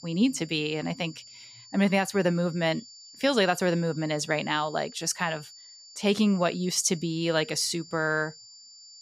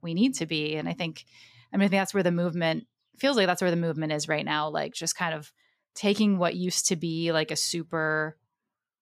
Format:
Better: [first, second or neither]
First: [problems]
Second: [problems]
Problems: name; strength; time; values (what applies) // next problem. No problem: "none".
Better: second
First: high-pitched whine; noticeable; throughout; 4.5 kHz, 20 dB below the speech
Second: none